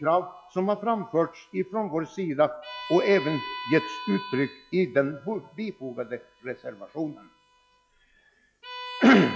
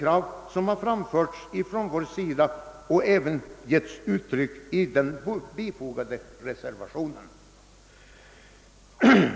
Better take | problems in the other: second | noise reduction (classical method log-MMSE)

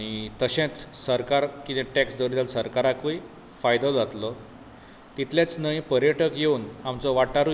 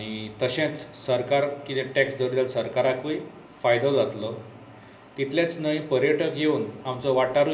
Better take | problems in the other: first | room echo; dies away in 0.5 s

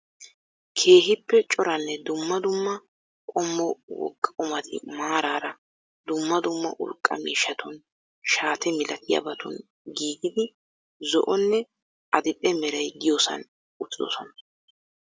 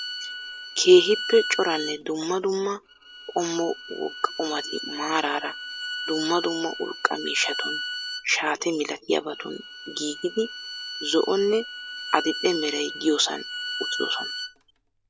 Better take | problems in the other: first | background sound (Bowed string instrument); 9 dB below the speech

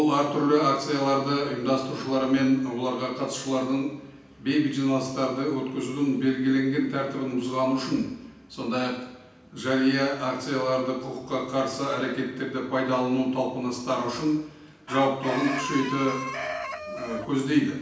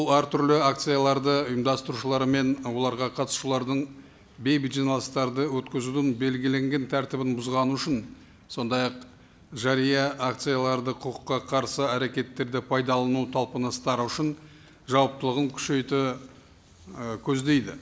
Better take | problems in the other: second | background sound (Chicken, rooster); 8 dB below the speech // room echo; dies away in 0.9 s

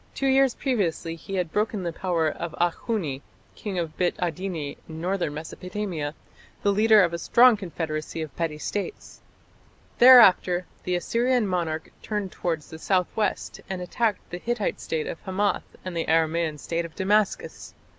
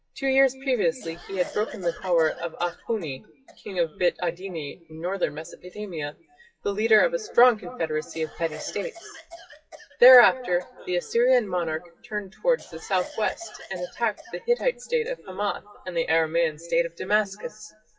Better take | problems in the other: first | noise reduction (classical method WPE with log-MMSE)

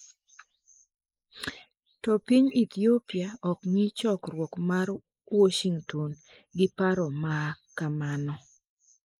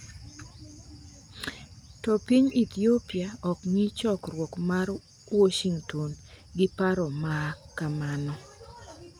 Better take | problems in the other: second | noise reduction (neural mask model Resemble Enhance denoiser)

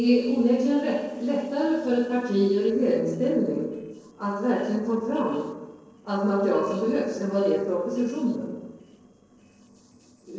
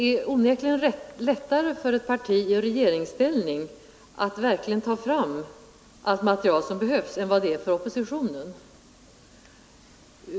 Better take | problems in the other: second | noise reduction (neural separator model SepFormer DNS4)

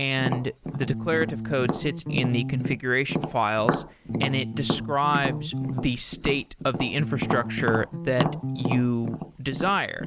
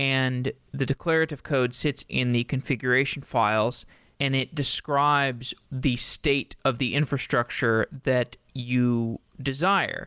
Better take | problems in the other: second | background sound (Tap + Bass guitar); 3 dB below the speech

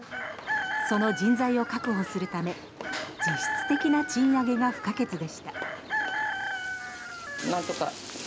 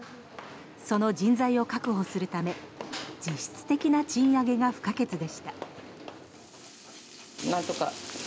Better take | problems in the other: second | background sound (Chicken, rooster); 5 dB below the speech

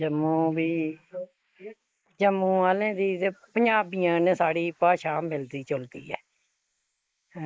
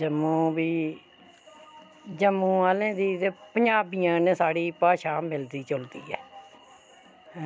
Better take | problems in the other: second | noise reduction (neural mask model Resemble Enhance denoiser)

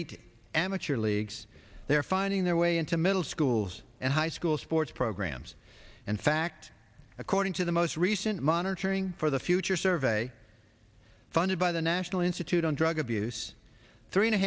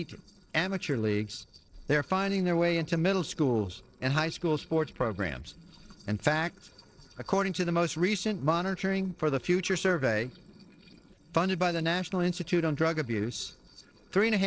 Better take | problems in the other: first | noise reduction (neural separator model SepFormer DNS4)

